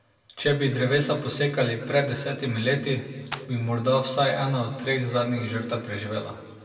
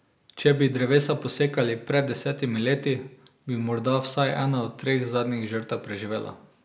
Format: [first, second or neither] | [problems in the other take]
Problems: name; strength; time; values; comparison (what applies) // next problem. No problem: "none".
second | background sound (Clapping); 12 dB below the speech // room echo; dies away in 1.7 s